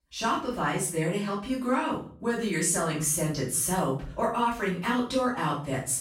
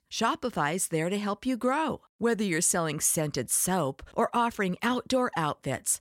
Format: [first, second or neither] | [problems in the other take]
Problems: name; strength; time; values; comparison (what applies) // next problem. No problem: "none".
second | off-mic speech; far // room echo; noticeable; dies away in 0.4 s